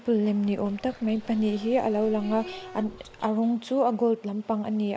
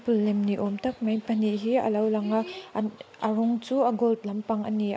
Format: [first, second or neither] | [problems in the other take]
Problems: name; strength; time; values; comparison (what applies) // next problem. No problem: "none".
second | background sound (Bowed string instrument + Water); 19 dB below the speech